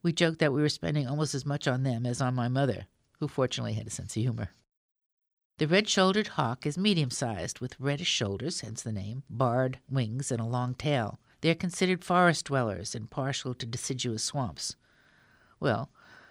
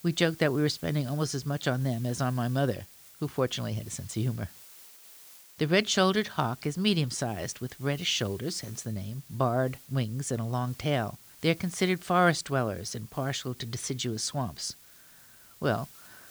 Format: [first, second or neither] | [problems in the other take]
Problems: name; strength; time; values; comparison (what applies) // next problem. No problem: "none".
first | hiss; noticeable; throughout; 20 dB below the speech